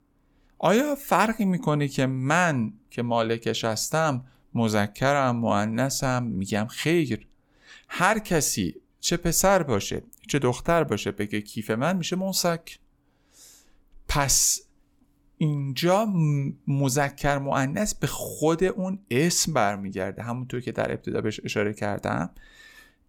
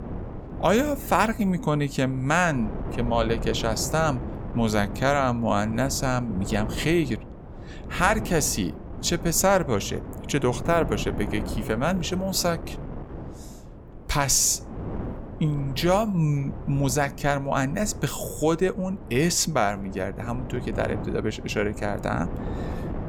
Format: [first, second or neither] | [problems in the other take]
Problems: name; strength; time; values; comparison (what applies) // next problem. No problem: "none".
first | wind noise on the microphone; occasional gusts; 15 dB below the speech